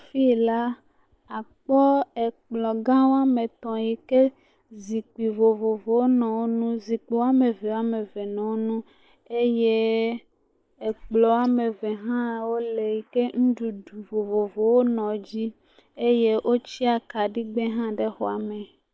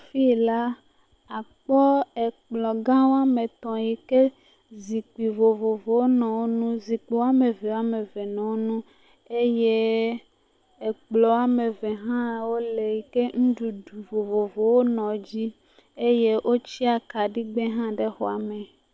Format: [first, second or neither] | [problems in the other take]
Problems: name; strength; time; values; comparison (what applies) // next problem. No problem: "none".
second | noise reduction (neural mask model Resemble Enhance denoiser)